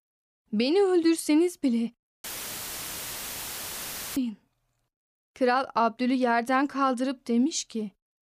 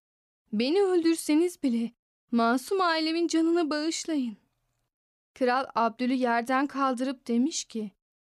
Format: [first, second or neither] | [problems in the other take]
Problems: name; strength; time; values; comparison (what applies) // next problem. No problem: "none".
second | audio cutting out; filled with static; at 2 s for 2 s